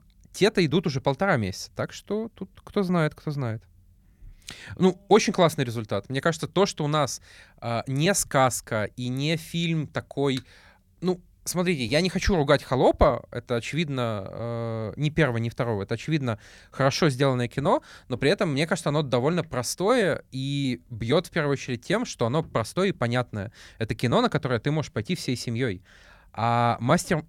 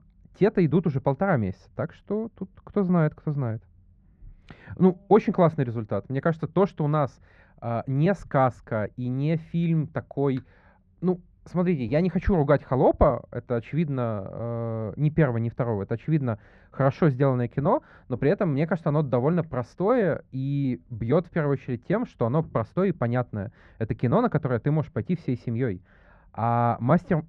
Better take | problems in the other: first | muffled; very; fading above 1.5 kHz

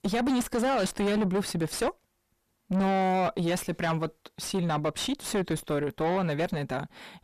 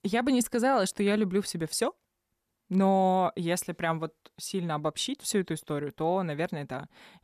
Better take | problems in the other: second | distortion; heavy; 6 dB below the speech

